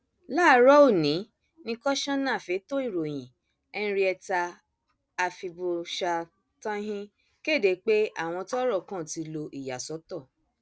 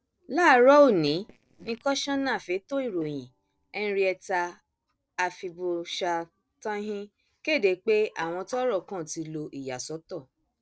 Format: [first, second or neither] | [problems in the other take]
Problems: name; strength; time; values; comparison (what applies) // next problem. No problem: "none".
first | noise reduction (neural separator model SepFormer DNS4)